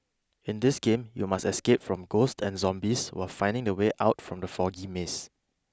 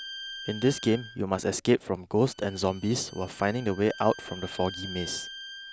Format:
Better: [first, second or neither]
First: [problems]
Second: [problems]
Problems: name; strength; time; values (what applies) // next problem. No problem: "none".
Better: first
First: none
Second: background sound (Bowed string instrument); 15 dB below the speech